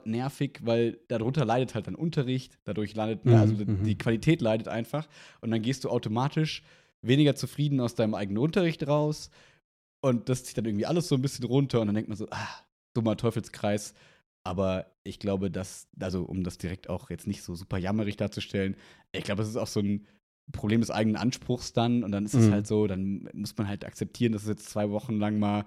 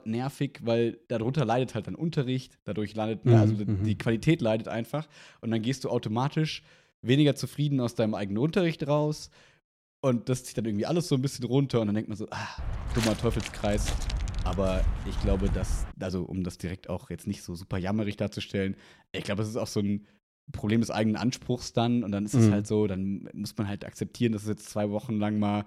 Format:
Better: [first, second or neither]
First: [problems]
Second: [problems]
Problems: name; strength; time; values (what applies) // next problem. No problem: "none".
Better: first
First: none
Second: footsteps; noticeable; from 13 to 16 s; peak 2 dB below the speech